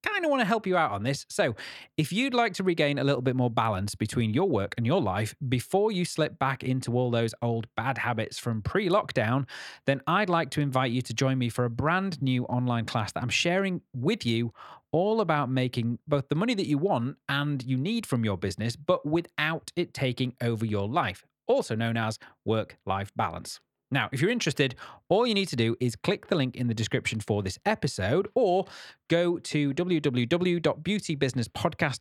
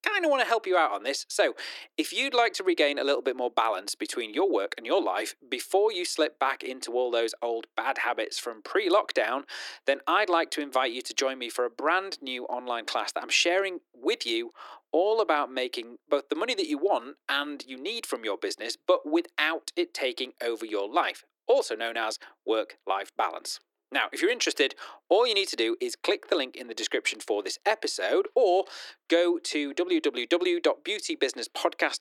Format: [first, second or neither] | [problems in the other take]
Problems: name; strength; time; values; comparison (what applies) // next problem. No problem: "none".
first | thin; very; fading below 300 Hz